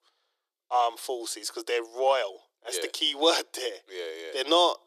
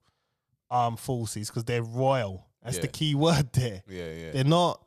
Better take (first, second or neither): second